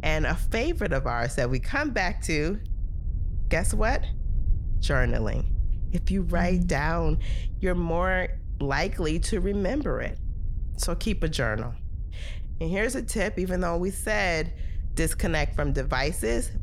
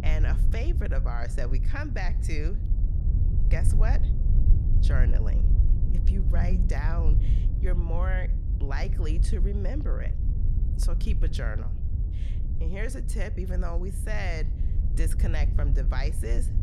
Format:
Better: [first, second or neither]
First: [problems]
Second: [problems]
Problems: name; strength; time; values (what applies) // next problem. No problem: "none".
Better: first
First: low rumble; faint; throughout; 25 dB below the speech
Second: low rumble; loud; throughout; 7 dB below the speech